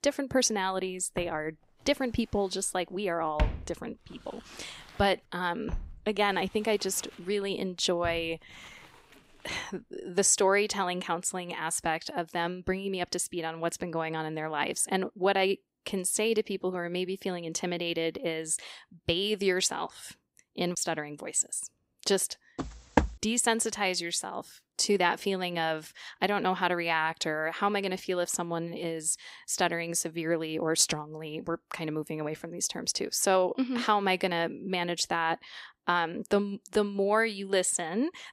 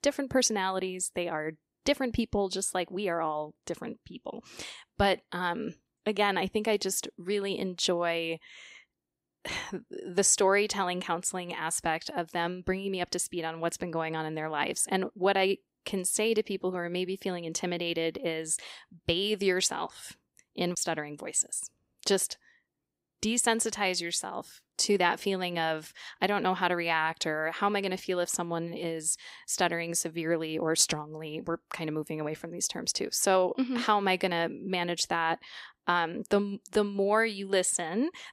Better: second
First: footsteps; noticeable; from 1 to 8 s; peak 3 dB below the speech // footsteps; loud; at 23 s; peak 1 dB above the speech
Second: none

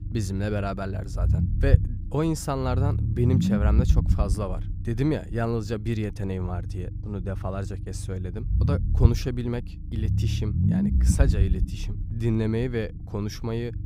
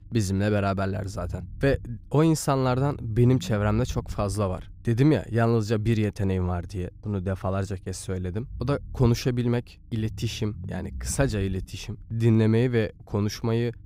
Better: second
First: low rumble; loud; throughout; 6 dB below the speech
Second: low rumble; faint; throughout; 25 dB below the speech

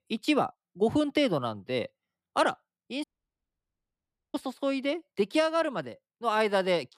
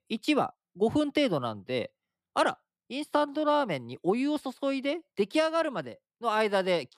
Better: second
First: audio cutting out; at 3 s for 1.5 s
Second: none

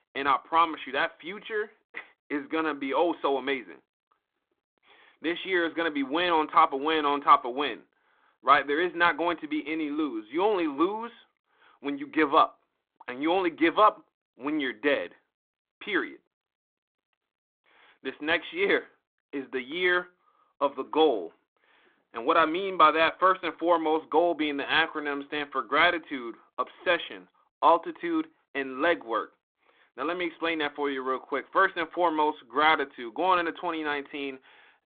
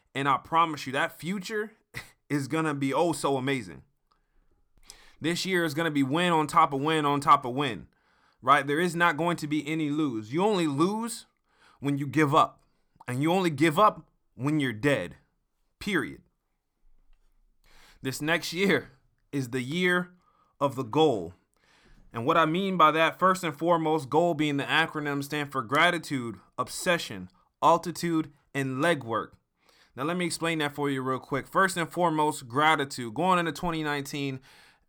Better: second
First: phone-call audio; nothing above 3.5 kHz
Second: none

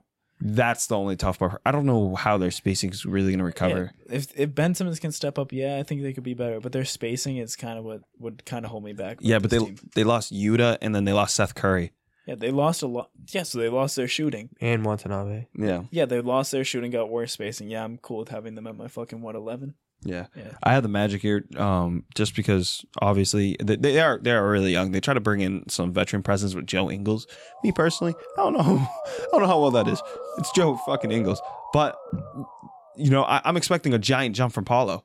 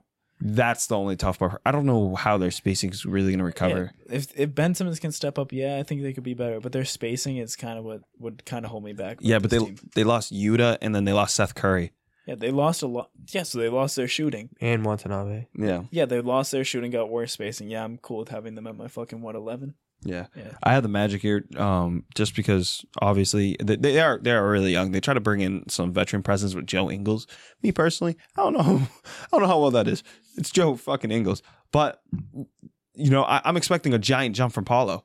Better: second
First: siren; noticeable; from 27 to 33 s; peak 7 dB below the speech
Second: none

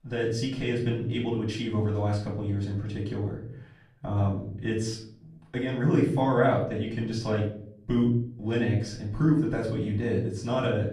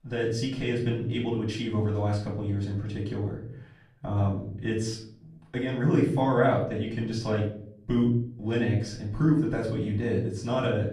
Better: neither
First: off-mic speech; far // room echo; slight; dies away in 0.6 s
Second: off-mic speech; far // room echo; slight; dies away in 0.6 s

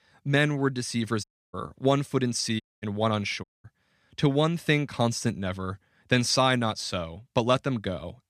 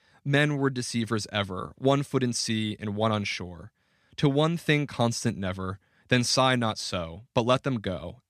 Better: second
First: audio cutting out; at 1 s, at 2.5 s and at 3.5 s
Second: none

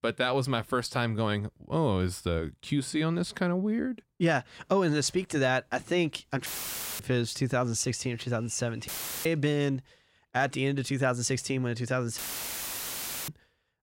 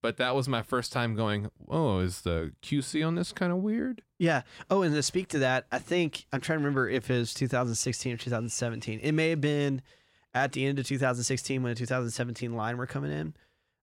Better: second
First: audio cutting out; filled with static; at 6.5 s for 0.5 s, at 9 s and at 12 s for 1 s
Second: none

